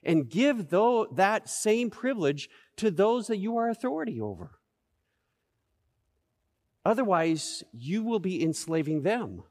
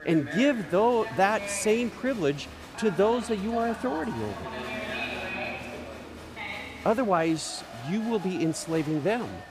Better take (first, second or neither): first